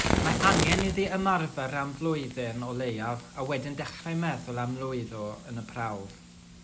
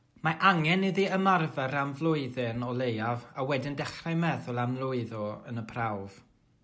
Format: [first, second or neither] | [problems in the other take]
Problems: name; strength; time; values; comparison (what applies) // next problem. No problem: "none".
second | background sound (Fire); 4 dB below the speech